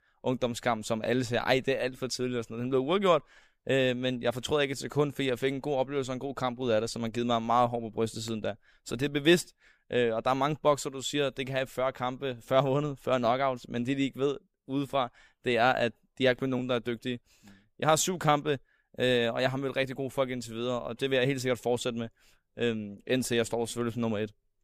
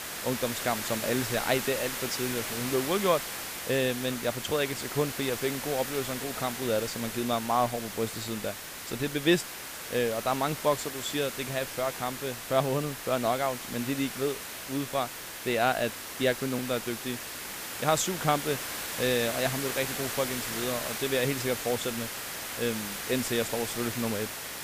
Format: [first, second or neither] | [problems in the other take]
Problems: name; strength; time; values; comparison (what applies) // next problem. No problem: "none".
first | hiss; loud; throughout; 4 dB below the speech